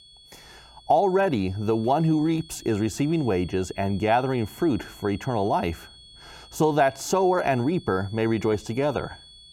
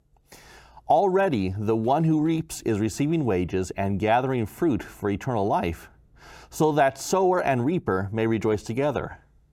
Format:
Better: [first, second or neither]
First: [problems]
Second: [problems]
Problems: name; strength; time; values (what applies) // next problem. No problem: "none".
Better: second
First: high-pitched whine; faint; throughout; 3.5 kHz, 20 dB below the speech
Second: none